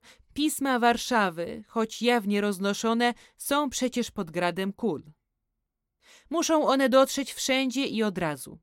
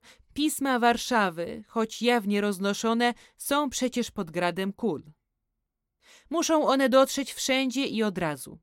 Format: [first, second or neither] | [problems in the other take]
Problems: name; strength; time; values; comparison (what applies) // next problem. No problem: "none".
neither | none